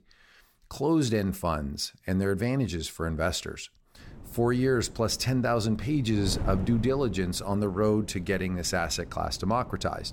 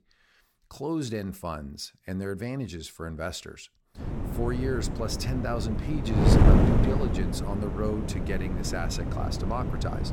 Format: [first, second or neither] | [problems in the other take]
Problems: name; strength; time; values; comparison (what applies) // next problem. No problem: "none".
first | wind noise on the microphone; heavy; from 4 s on; 1 dB above the speech; occasional gusts in the first